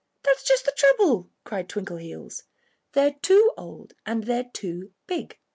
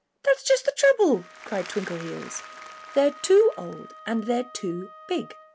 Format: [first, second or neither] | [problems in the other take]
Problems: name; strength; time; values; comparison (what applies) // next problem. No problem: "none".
first | background sound (Applause / Crowd + Wind instrument, woodwind instrument); 19 dB below the speech